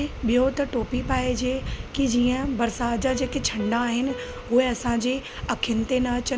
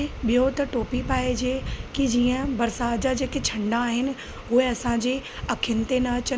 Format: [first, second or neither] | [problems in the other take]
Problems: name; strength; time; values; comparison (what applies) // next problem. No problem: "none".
second | background sound (Piano); 19 dB below the speech